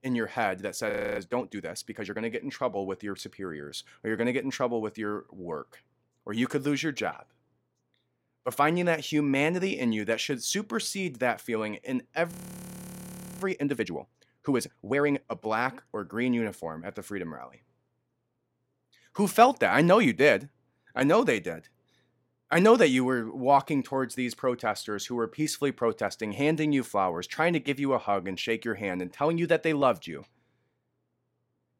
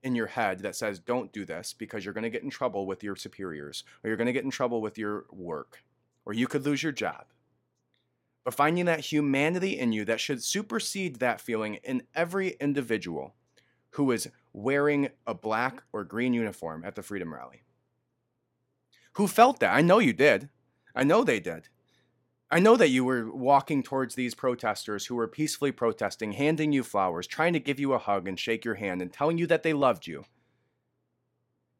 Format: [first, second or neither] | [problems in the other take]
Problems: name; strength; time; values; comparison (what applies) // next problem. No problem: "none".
second | audio freezing; at 1 s and at 12 s for 1 s